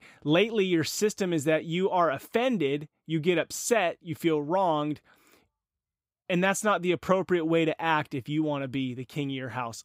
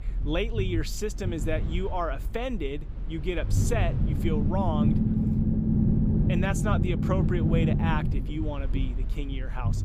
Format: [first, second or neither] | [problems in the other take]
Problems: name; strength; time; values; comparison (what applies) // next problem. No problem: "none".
first | low rumble; loud; throughout; 3 dB below the speech